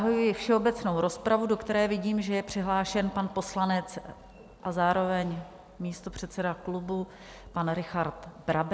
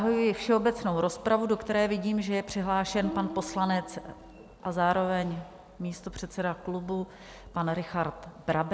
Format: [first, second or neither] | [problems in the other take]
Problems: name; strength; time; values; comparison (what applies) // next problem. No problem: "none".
first | background sound (Guitar); 12 dB below the speech